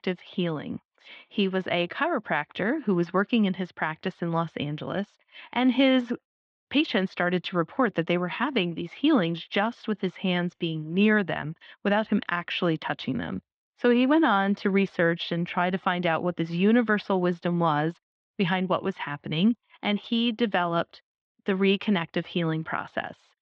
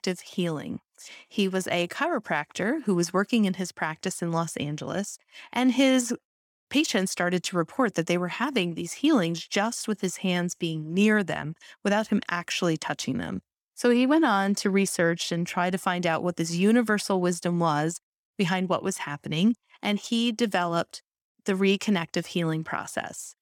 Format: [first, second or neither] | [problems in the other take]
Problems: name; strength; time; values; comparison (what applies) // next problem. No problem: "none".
second | muffled; very; fading above 3.5 kHz